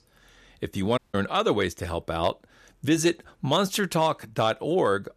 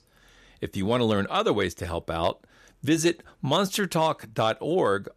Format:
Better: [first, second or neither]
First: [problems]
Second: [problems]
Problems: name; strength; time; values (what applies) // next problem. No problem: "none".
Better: second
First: audio cutting out; at 1 s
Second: none